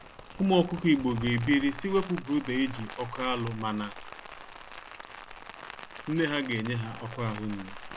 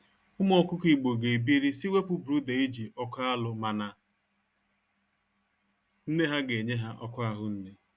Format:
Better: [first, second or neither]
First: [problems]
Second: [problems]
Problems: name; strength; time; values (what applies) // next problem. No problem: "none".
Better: second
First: background sound (Rain); 12 dB below the speech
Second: none